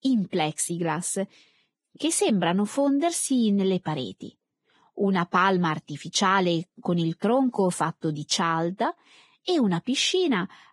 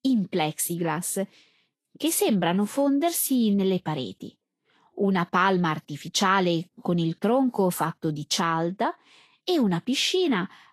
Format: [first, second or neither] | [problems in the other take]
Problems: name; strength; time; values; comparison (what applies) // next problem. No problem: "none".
second | garbled, watery; badly; nothing above 10.5 kHz; slightly in the second